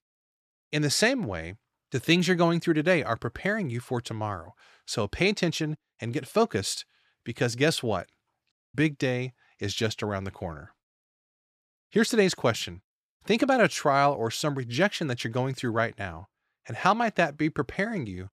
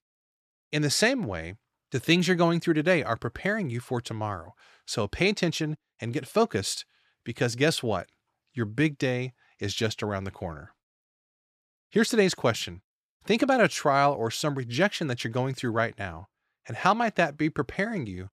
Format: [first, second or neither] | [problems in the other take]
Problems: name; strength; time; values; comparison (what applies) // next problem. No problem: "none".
second | audio cutting out; at 8.5 s